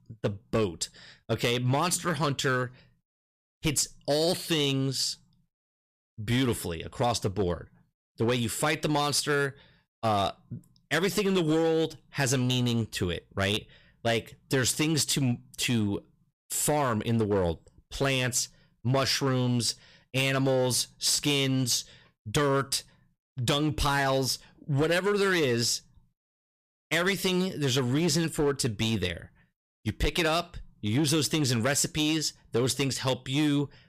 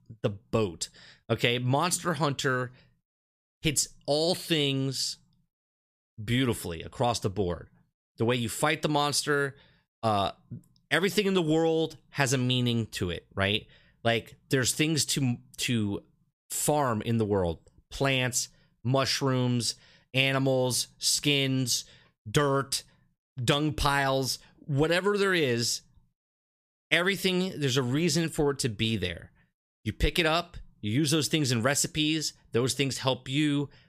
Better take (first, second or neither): second